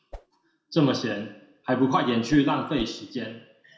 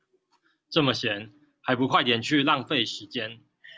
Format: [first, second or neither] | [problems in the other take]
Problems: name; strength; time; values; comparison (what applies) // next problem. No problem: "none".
second | background sound (Whoosh, swoosh, swish); 19 dB below the speech // room echo; dies away in 0.6 s